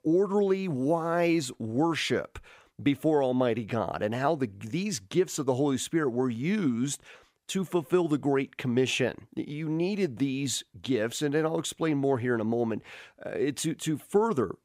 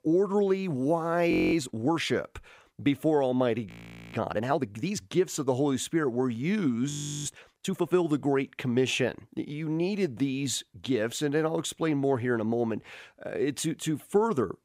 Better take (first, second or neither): first